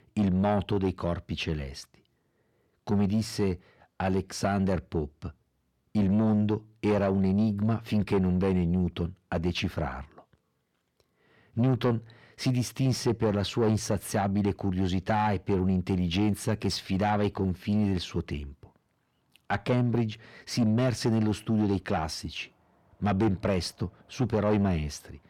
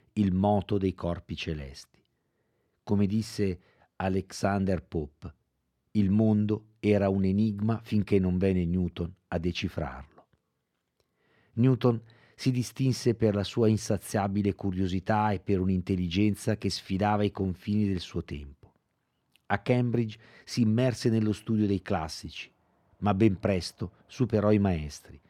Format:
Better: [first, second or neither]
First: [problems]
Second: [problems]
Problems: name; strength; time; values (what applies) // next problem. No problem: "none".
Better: second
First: distortion; slight; 10 dB below the speech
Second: none